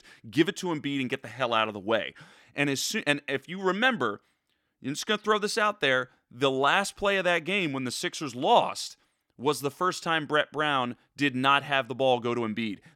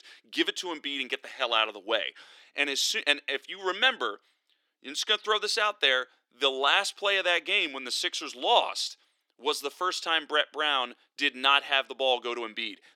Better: first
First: none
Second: thin; somewhat; fading below 350 Hz

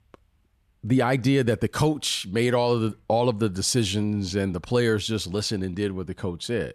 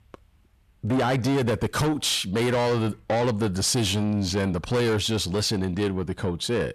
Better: first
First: none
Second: distortion; heavy; 8 dB below the speech

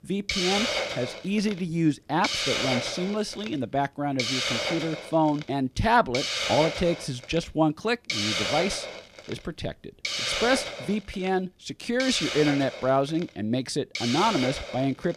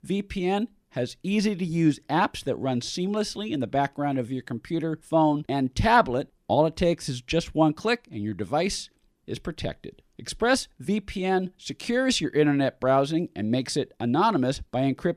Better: second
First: hiss; loud; throughout; 2 dB below the speech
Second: none

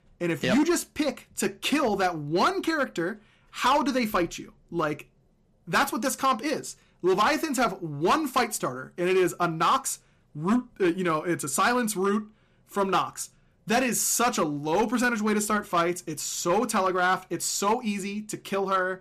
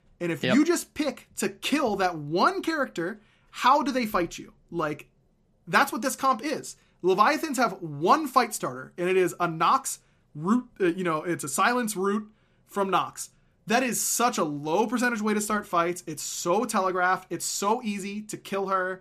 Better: second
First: distortion; slight; 5% of the sound clipped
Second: none

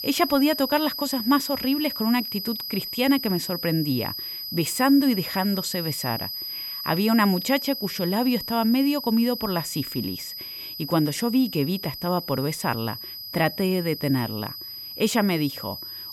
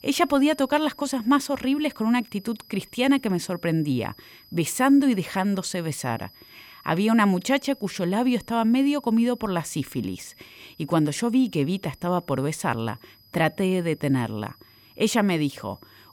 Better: second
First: high-pitched whine; loud; throughout; 5 kHz, 7 dB below the speech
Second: high-pitched whine; faint; throughout; 5 kHz, 25 dB below the speech

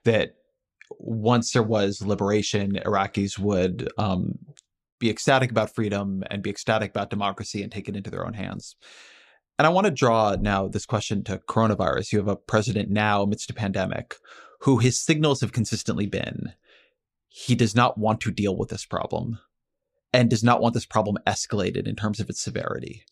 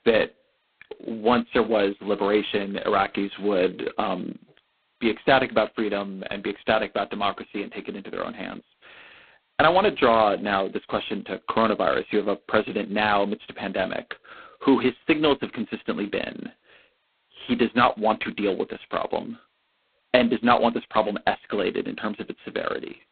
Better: first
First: none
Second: phone-call audio; poor line; nothing above 4 kHz

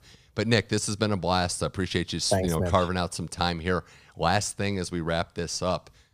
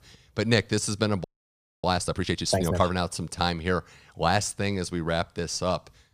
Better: first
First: none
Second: audio freezing; at 1 s for 0.5 s

